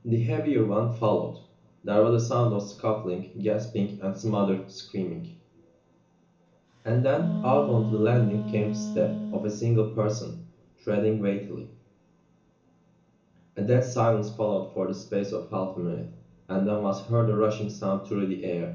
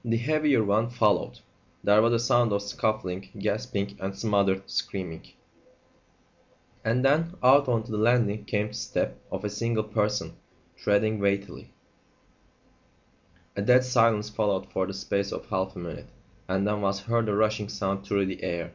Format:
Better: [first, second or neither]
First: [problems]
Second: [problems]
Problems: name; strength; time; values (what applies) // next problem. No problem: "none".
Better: second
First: background sound (Wind instrument, woodwind instrument); 6 dB below the speech // room echo; dies away in 0.7 s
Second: none